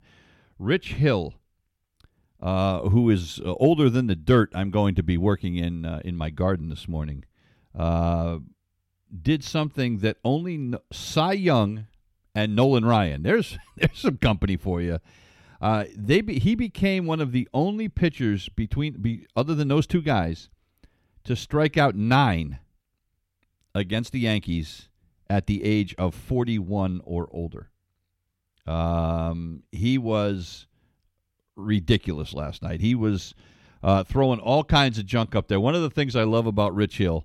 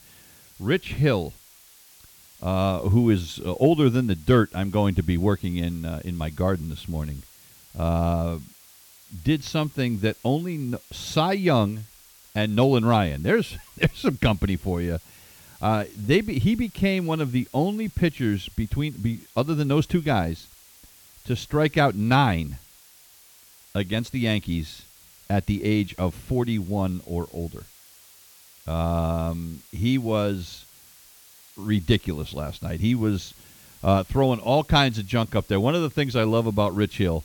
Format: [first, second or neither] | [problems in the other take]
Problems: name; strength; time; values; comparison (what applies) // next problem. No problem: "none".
first | hiss; faint; throughout; 25 dB below the speech